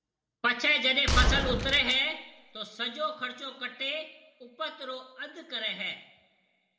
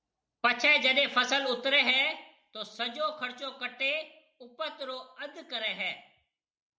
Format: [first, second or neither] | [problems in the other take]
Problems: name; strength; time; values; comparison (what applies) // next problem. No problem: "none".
second | background sound (Gunshot, gunfire); 2 dB above the speech // room echo; dies away in 1.2 s